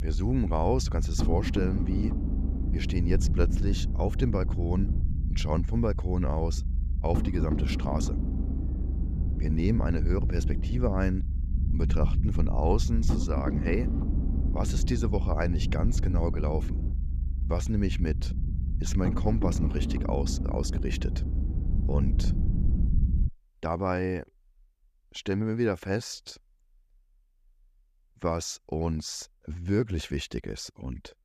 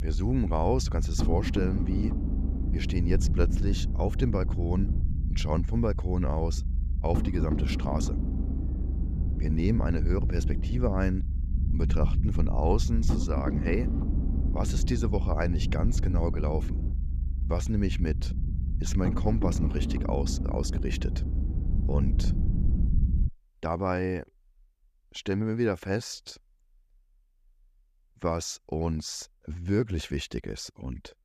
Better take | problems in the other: neither | low rumble; loud; until 23 s; 8 dB below the speech; the same in both

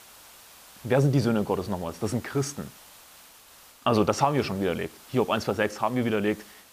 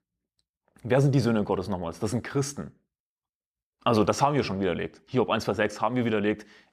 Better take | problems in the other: second | hiss; faint; throughout; 20 dB below the speech

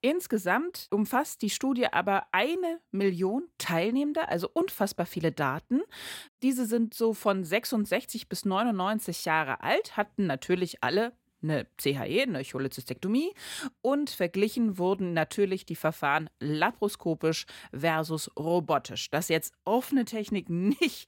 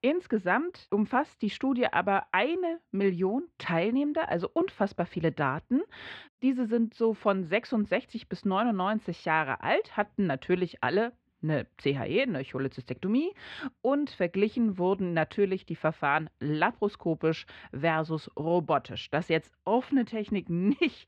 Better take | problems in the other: first | muffled; slightly; fading above 3 kHz

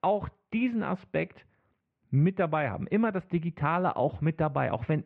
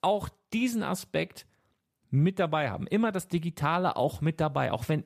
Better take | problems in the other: second | muffled; very; fading above 2.5 kHz

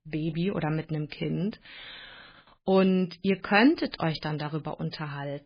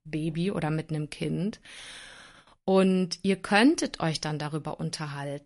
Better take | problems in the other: second | garbled, watery; badly; slightly in the second

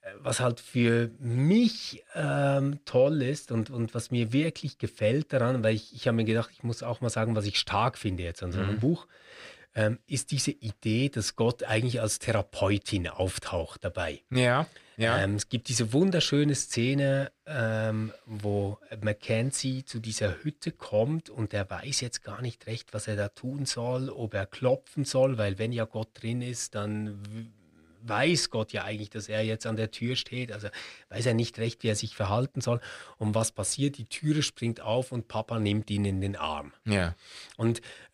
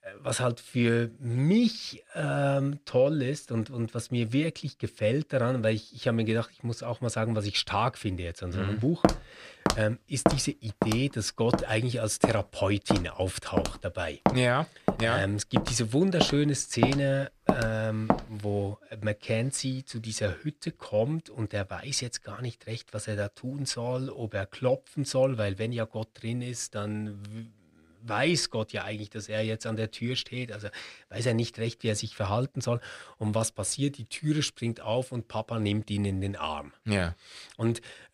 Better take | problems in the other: first | footsteps; loud; from 9 to 18 s; peak 3 dB above the speech

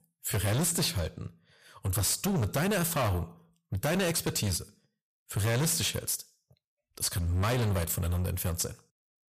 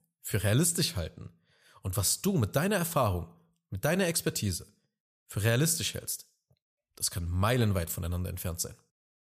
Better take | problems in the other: second | distortion; heavy; 19% of the sound clipped

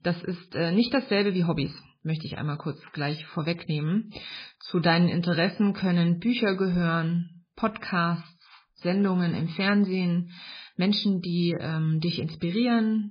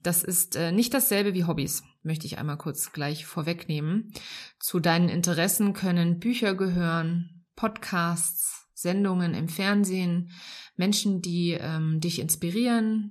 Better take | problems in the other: second | garbled, watery; badly; nothing above 4 kHz

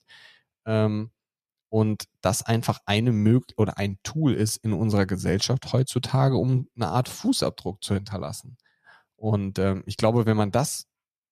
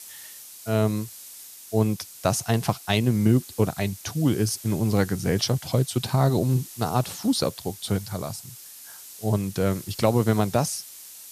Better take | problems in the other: first | hiss; noticeable; throughout; 15 dB below the speech

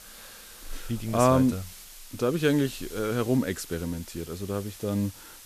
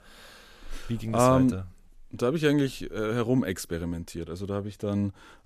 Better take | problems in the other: second | hiss; noticeable; throughout; 15 dB below the speech

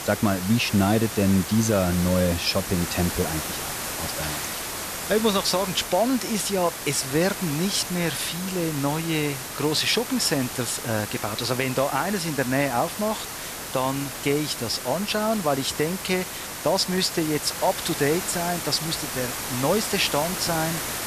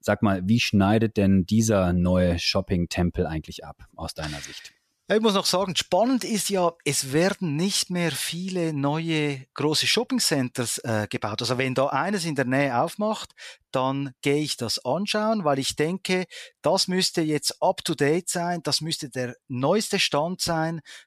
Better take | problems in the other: second | hiss; loud; throughout; 6 dB below the speech

